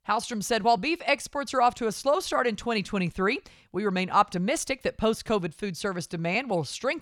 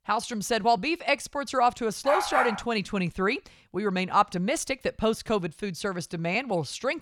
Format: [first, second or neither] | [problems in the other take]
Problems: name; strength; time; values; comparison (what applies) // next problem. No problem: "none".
first | dog barking; loud; at 2 s; peak 1 dB above the speech